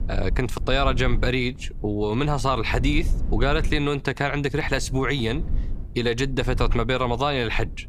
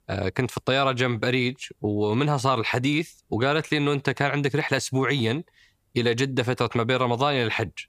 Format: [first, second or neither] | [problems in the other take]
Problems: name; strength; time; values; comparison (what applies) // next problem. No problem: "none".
second | low rumble; faint; throughout; 20 dB below the speech